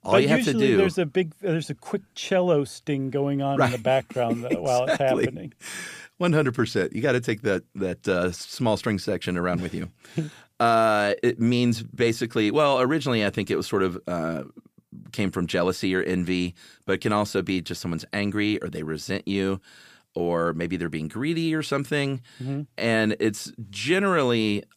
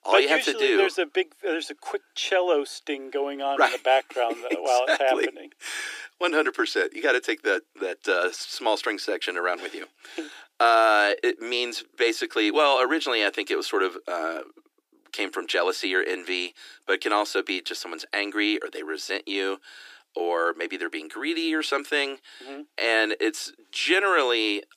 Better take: first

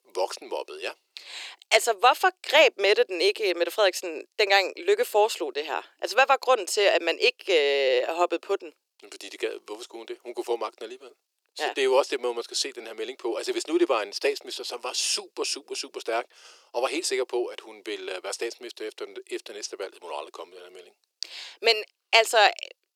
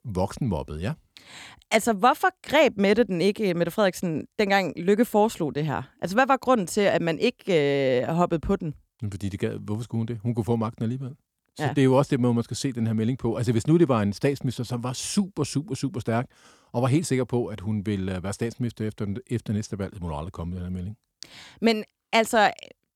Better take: second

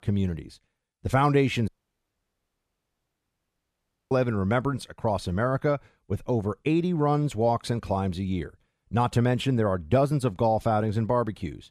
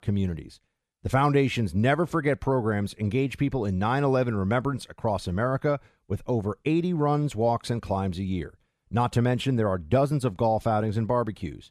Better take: second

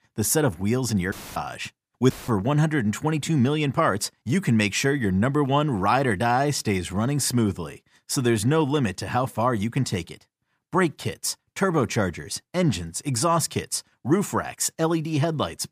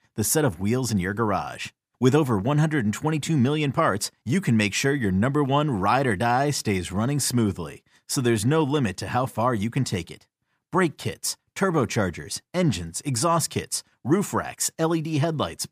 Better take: second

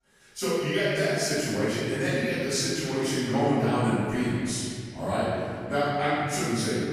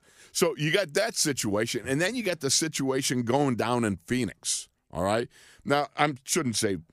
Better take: second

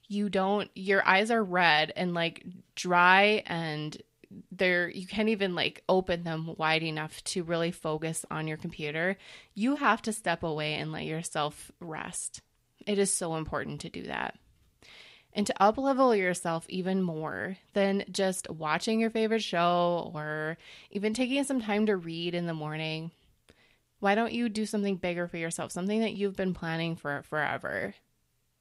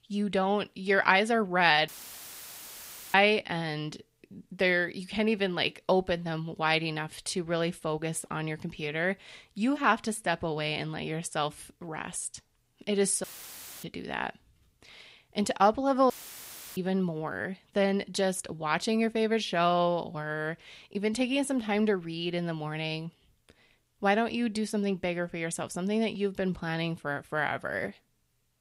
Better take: first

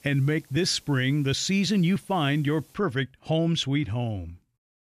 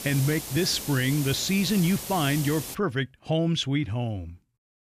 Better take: first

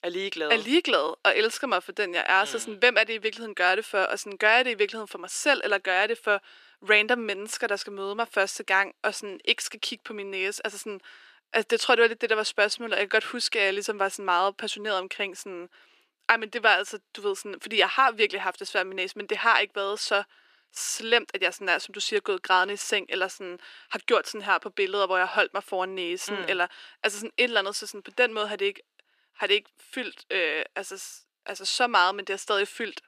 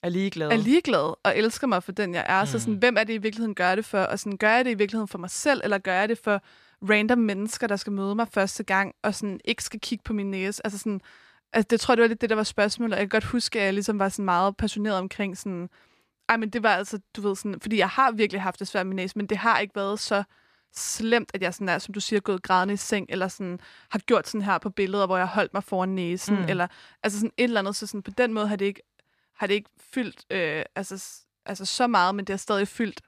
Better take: second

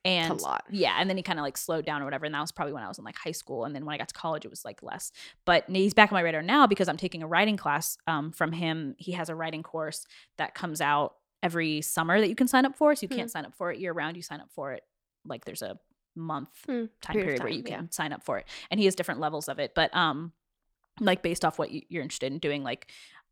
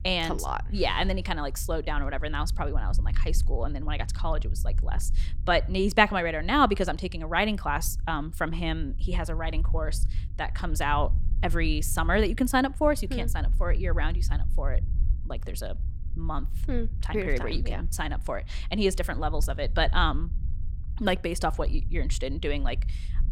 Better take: first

